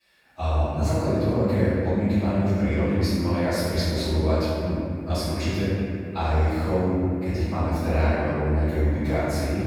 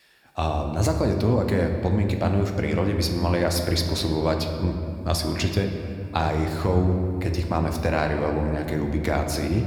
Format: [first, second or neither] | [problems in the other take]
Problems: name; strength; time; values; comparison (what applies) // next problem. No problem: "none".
second | room echo; strong; dies away in 2.5 s; slight in the second // off-mic speech; far